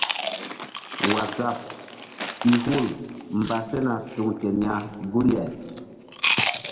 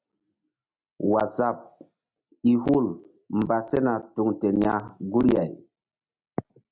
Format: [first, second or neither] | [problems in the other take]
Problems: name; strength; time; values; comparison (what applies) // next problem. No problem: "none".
second | background sound (Chewing, mastication); 5 dB below the speech // room echo; dies away in 1.8 s